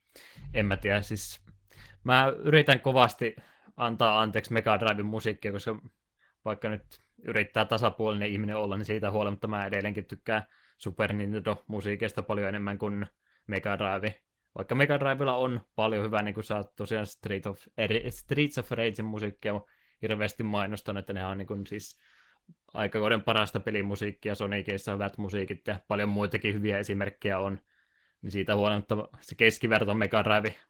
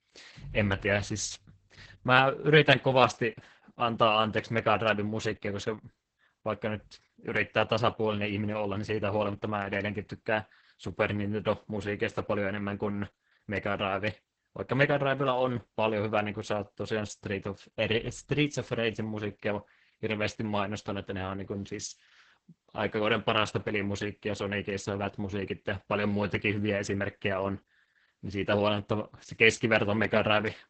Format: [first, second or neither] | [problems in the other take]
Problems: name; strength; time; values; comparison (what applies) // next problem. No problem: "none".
first | garbled, watery; badly; nothing above 8 kHz; slightly in the first